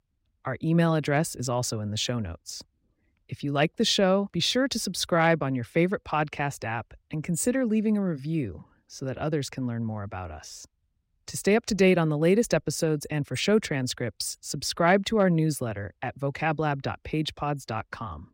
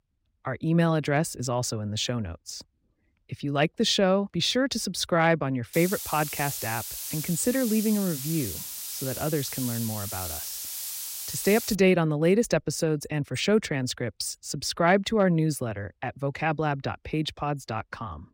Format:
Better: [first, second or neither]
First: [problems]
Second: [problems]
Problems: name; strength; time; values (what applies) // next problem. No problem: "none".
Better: first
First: none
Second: hiss; loud; from 5.5 to 12 s; 6 dB below the speech